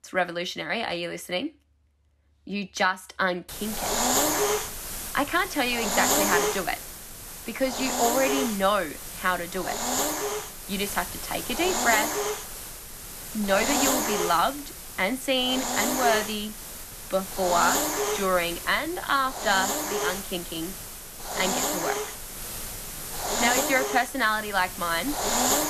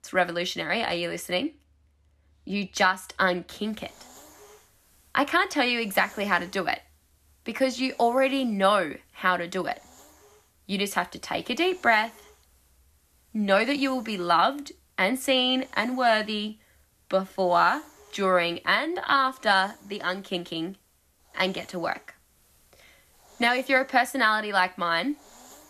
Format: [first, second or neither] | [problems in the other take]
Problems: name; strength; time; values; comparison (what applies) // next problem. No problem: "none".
second | hiss; loud; from 3.5 s on; 1 dB below the speech; faint in the second